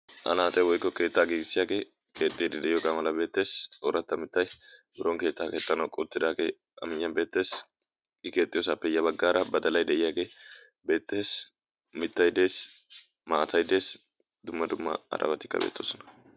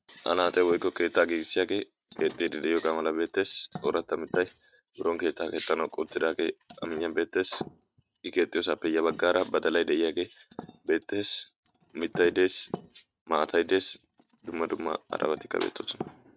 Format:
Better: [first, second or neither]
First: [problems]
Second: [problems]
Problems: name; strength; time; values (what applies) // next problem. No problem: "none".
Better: first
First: none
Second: noise reduction (neural mask model RNNoise)